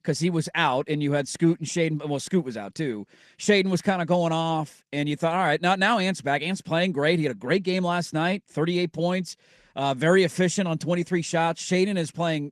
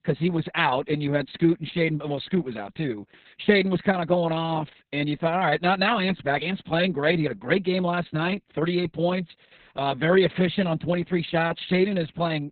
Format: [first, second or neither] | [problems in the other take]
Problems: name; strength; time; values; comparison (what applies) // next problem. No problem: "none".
first | garbled, watery; badly; nothing above 4 kHz; slightly in the first